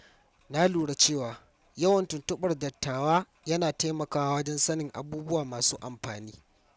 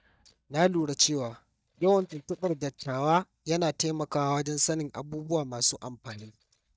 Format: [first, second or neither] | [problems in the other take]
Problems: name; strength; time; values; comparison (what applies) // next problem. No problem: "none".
first | noise reduction (neural mask model DeepFilterNet 3)